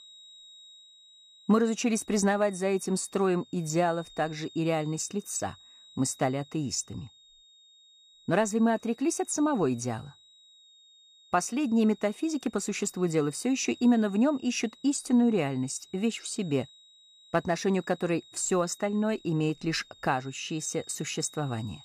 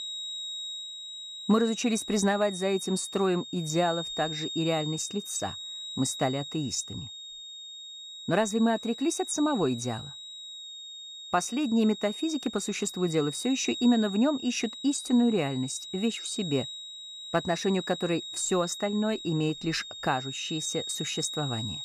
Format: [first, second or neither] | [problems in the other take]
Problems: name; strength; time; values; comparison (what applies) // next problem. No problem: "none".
first | high-pitched whine; loud; throughout; 4 kHz, 9 dB below the speech; faint in the first